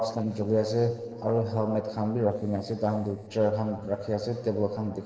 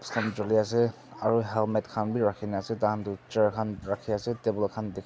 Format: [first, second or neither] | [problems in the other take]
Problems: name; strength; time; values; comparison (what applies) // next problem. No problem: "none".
second | noise reduction (neural separator model SepFormer DNS4)